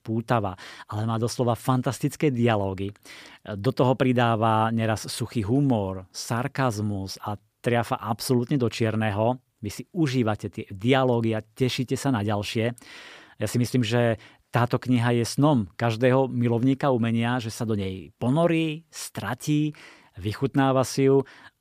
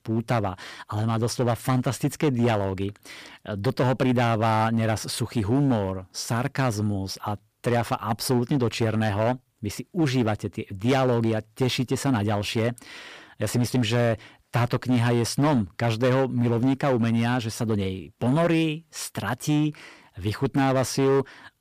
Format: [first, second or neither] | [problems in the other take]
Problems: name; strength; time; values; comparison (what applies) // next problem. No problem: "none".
first | distortion; slight; 8% of the sound clipped